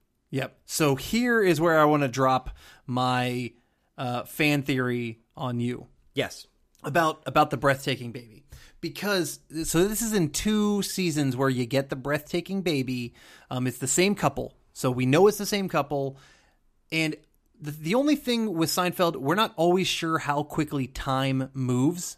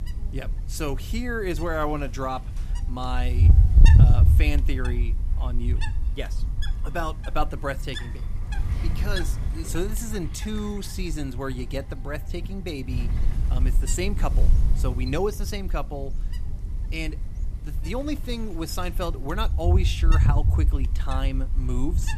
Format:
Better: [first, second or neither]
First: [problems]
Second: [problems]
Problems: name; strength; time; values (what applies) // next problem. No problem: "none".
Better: first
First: none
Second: wind noise on the microphone; heavy; 8 dB below the speech